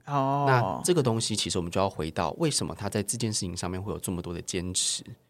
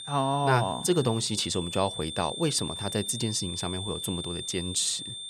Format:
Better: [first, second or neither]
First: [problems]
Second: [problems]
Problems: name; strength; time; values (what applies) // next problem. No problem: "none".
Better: first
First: none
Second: high-pitched whine; loud; throughout; 3.5 kHz, 7 dB below the speech